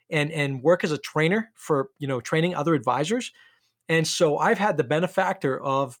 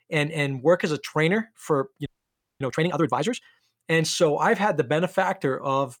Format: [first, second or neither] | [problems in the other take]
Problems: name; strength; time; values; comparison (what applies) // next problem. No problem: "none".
first | audio freezing; at 2 s for 0.5 s